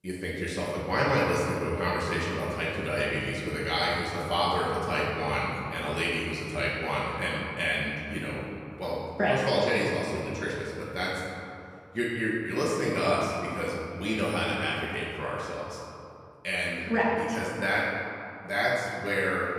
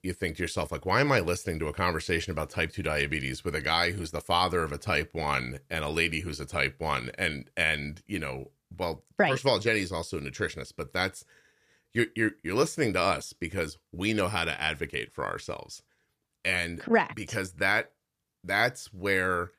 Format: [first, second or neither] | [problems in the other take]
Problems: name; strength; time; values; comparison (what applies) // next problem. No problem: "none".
second | room echo; noticeable; dies away in 2.3 s // off-mic speech; far